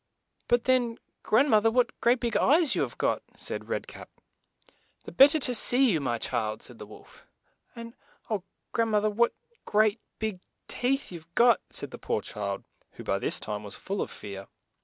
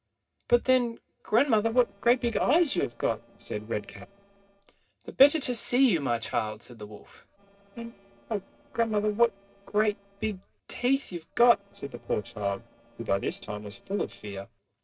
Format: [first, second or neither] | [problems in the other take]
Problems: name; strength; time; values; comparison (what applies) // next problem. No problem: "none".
first | noise reduction (neural separator model SepFormer DNS4)